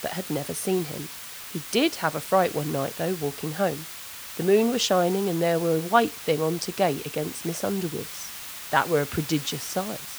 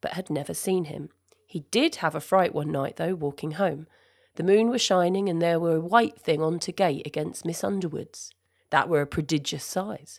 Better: second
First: hiss; noticeable; throughout; 10 dB below the speech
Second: none

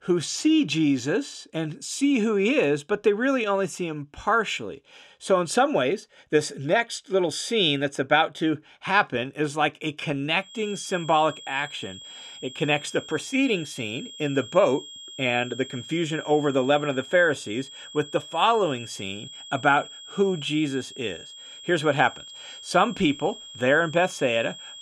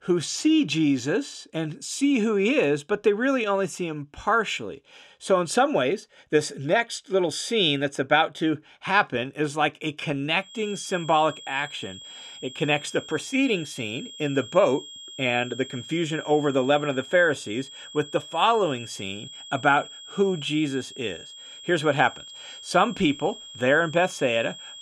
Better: neither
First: high-pitched whine; noticeable; from 10 s on; 3.5 kHz, 15 dB below the speech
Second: high-pitched whine; noticeable; from 10 s on; 3.5 kHz, 15 dB below the speech

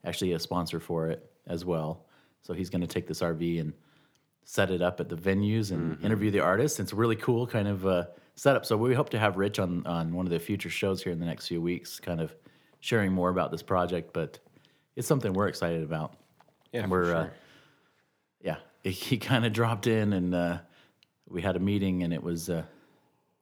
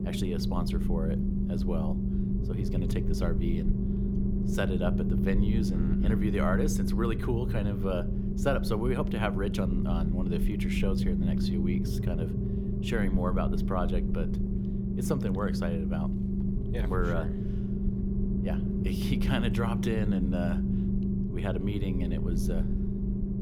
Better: first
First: none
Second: low rumble; loud; throughout; 3 dB below the speech

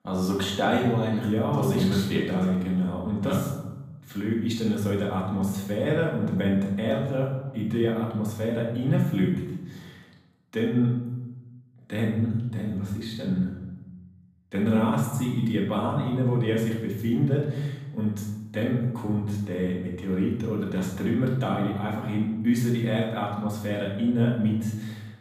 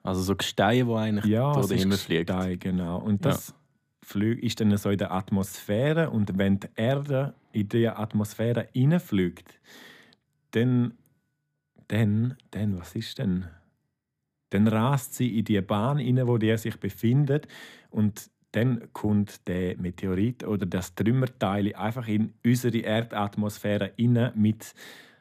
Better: second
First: off-mic speech; far // room echo; noticeable; dies away in 0.9 s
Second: none

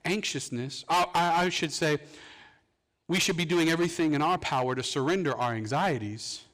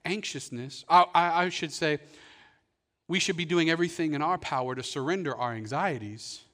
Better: second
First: distortion; heavy; 10% of the sound clipped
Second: none

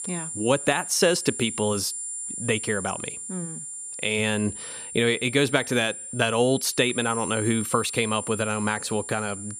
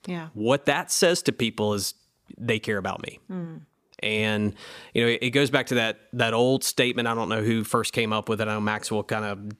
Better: second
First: high-pitched whine; loud; throughout; 9.5 kHz, 8 dB below the speech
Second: none

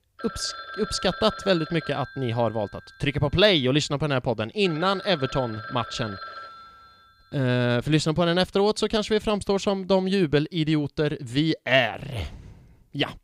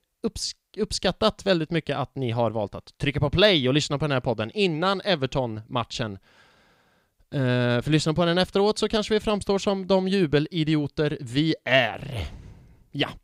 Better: second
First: phone ringing; faint; until 7 s; peak 10 dB below the speech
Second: none

